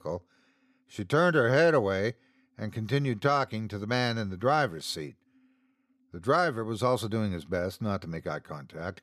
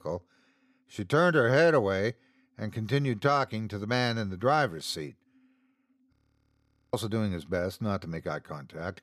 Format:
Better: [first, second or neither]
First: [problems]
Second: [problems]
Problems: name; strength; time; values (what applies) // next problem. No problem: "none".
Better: first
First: none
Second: audio freezing; at 6 s for 1 s